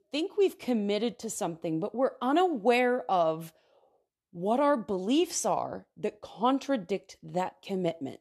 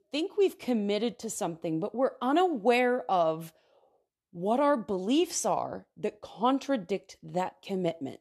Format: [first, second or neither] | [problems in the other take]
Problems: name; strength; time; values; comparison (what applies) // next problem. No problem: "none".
neither | none